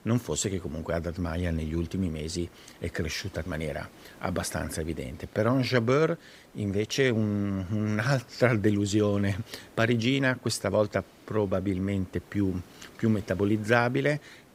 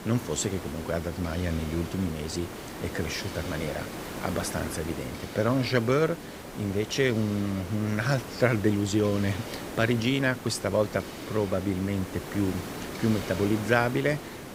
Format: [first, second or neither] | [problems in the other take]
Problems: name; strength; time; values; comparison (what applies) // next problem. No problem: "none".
first | hiss; loud; throughout; 10 dB below the speech; faint in the first